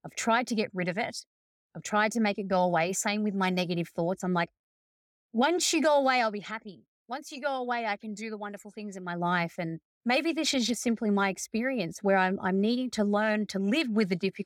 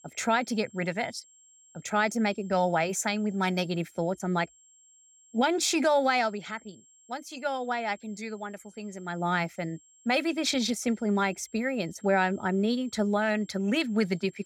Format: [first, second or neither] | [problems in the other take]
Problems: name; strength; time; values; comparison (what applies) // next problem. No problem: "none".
first | high-pitched whine; faint; throughout; 7.5 kHz, 30 dB below the speech